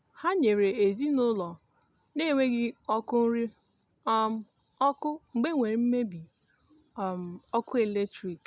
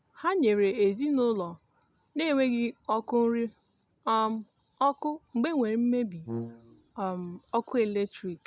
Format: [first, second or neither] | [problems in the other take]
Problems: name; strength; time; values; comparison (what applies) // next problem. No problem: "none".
first | background sound (Brass instrument); 10 dB below the speech